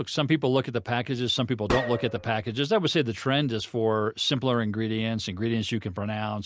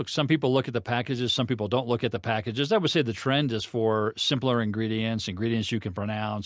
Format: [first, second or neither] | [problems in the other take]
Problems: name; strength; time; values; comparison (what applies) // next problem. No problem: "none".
second | background sound (Gunshot, gunfire); 8 dB below the speech